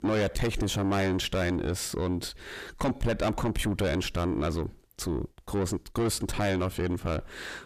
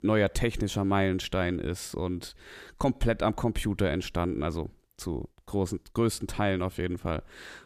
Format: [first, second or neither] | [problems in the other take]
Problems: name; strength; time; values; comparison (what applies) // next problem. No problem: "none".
second | distortion; heavy; 7 dB below the speech